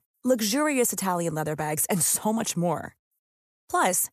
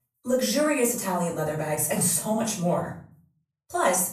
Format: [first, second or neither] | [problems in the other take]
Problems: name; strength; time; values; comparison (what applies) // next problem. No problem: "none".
first | off-mic speech; far // room echo; slight; dies away in 0.4 s